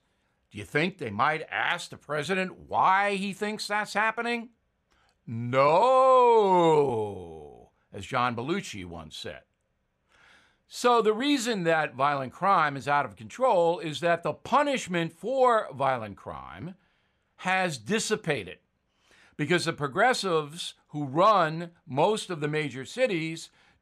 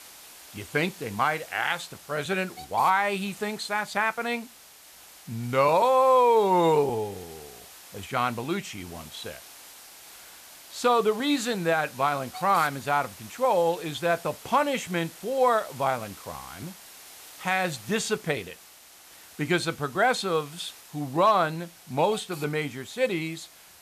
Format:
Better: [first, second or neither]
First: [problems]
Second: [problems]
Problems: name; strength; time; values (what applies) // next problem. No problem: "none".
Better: first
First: none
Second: hiss; noticeable; throughout; 20 dB below the speech